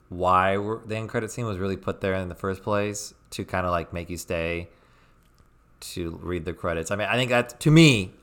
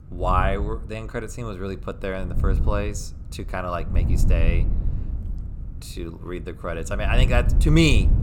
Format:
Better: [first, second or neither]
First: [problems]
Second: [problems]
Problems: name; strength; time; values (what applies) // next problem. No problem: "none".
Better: first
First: none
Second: wind noise on the microphone; occasional gusts; 15 dB below the speech